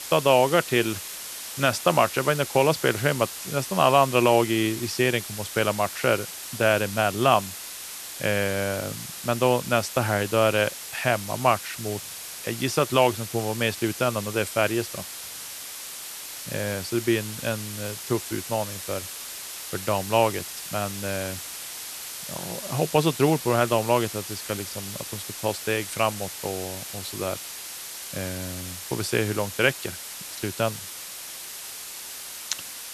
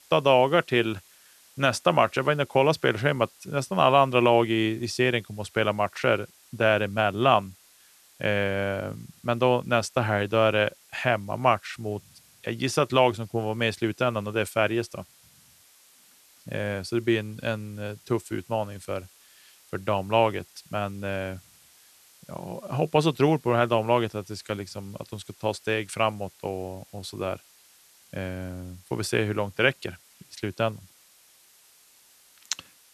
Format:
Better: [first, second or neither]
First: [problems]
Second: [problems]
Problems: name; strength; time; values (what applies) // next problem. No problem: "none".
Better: second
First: hiss; loud; throughout; 9 dB below the speech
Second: hiss; faint; throughout; 30 dB below the speech